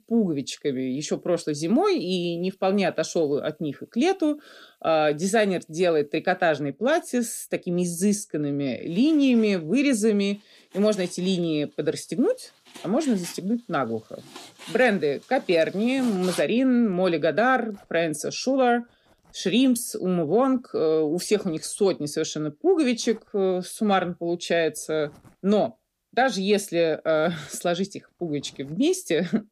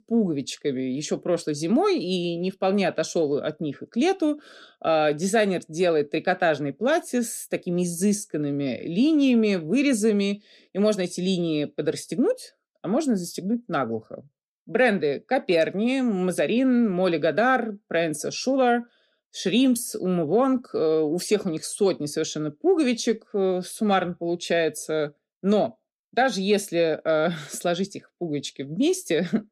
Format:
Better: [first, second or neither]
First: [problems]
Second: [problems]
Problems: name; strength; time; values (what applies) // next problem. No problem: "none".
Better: second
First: household noises; faint; throughout; 20 dB below the speech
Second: none